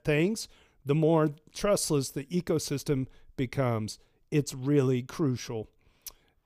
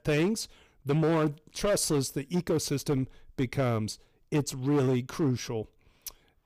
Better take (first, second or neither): first